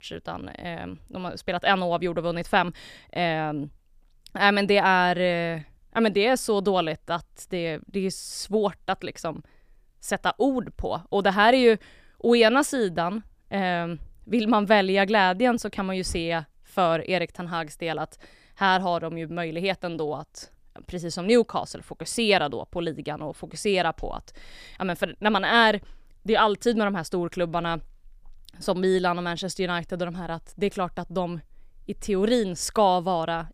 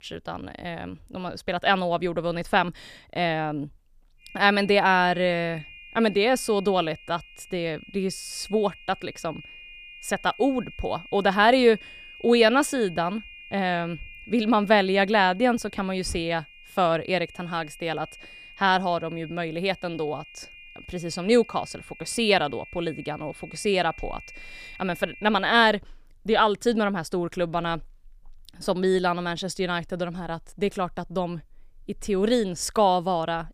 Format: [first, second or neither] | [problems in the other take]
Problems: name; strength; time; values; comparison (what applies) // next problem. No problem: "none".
first | high-pitched whine; noticeable; from 4 to 25 s; 2.5 kHz, 20 dB below the speech